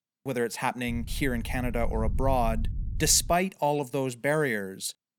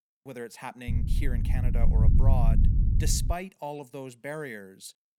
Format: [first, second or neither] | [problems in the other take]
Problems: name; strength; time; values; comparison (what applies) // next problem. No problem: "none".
first | low rumble; loud; from 1 to 3.5 s; 4 dB below the speech; faint in the first